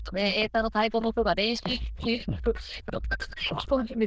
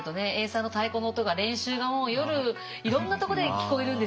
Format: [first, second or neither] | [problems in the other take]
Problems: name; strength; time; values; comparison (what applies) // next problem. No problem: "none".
second | noise reduction (neural diffusion model UNIVERSE++)